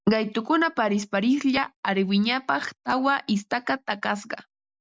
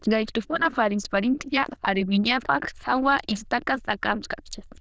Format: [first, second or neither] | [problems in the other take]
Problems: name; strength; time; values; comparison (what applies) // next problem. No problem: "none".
first | noise reduction (neural diffusion model UNIVERSE++)